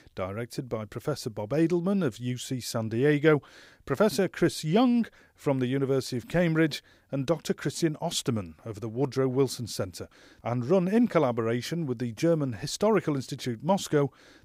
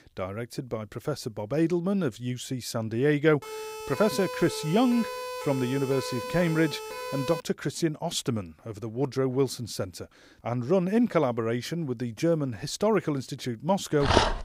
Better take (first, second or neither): first